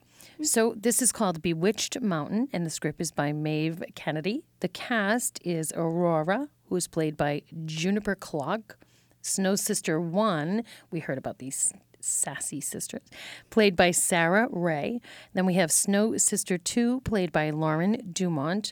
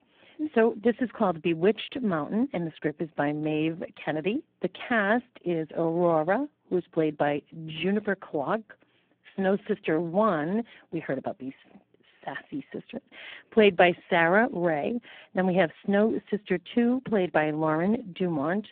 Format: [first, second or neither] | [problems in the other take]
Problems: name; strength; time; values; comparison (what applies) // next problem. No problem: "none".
first | phone-call audio; poor line